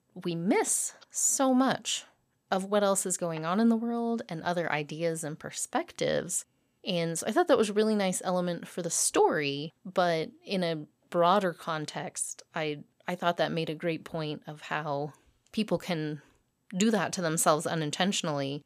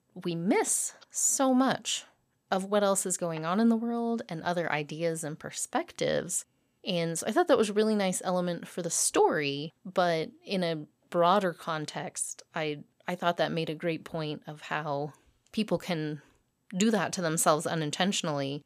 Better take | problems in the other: neither | none

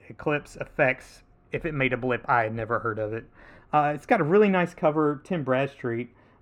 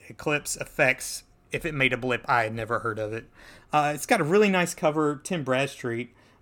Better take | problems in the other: second | muffled; very; fading above 3.5 kHz

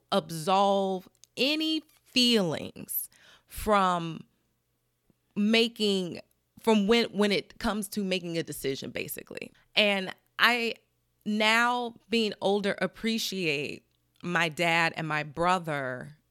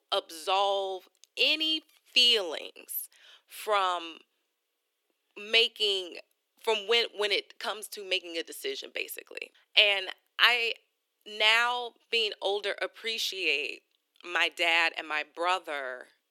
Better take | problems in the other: first | thin; very; fading below 350 Hz

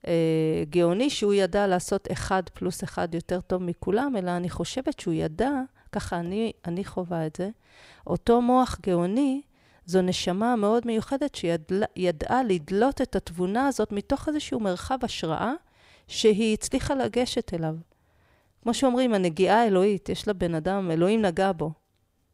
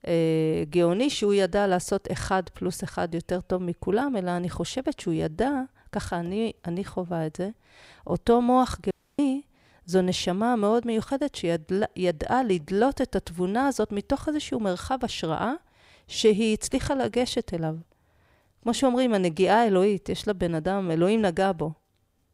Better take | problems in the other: first | audio cutting out; at 9 s

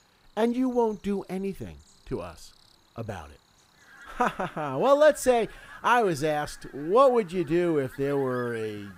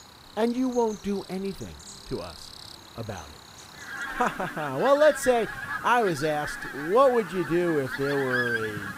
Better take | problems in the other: first | animal sounds; loud; throughout; 9 dB below the speech; faint in the first

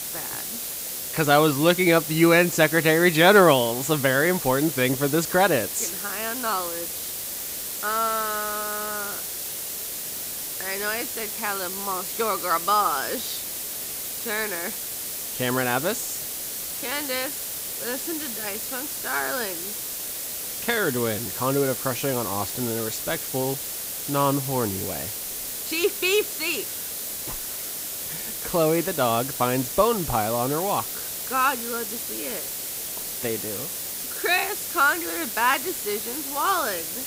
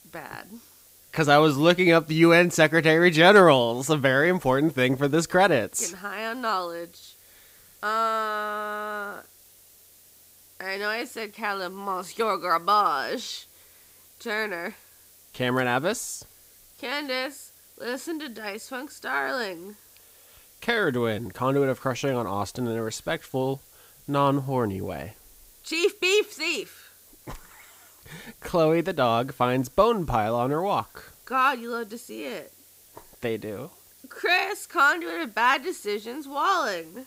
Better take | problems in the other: second | hiss; loud; throughout; 5 dB below the speech; faint in the second

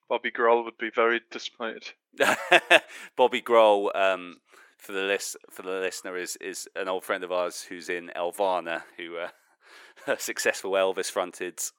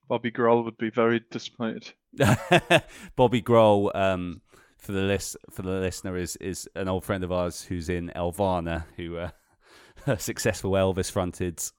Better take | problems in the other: second | thin; somewhat; fading below 350 Hz

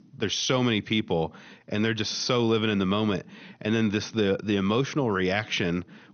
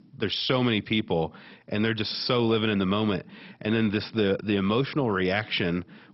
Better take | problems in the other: first | garbled, watery; badly; nothing above 5.5 kHz; slightly in the first

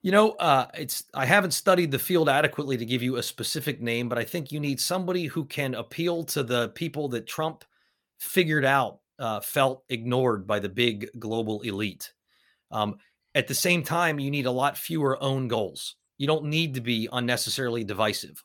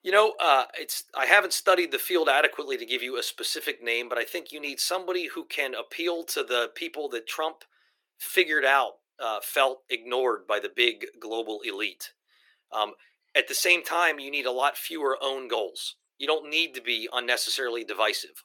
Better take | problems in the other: first | thin; very; fading below 350 Hz

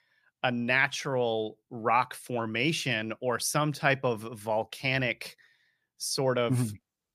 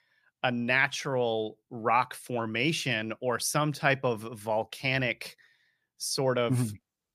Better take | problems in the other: neither | none

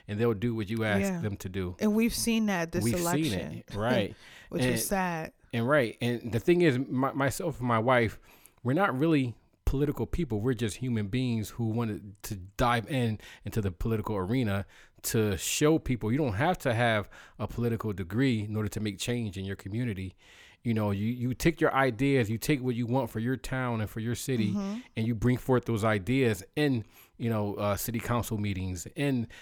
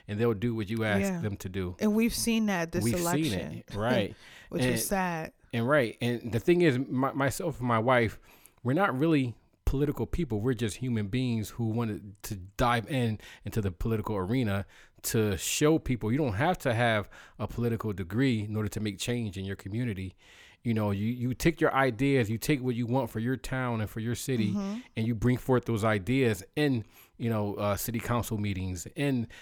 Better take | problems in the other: neither | none

